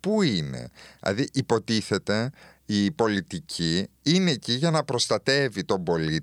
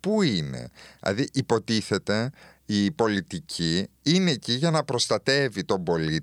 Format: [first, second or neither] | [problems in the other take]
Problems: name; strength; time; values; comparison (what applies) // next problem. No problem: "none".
neither | none